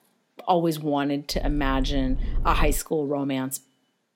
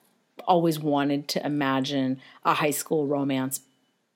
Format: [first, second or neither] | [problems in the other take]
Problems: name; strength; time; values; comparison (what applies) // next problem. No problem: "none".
second | low rumble; faint; from 1.5 to 2.5 s; 20 dB below the speech